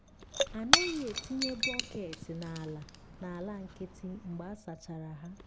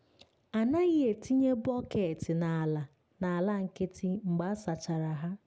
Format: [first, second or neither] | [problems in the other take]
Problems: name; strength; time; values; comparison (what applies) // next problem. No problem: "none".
second | background sound (Shatter / Crushing); 4 dB above the speech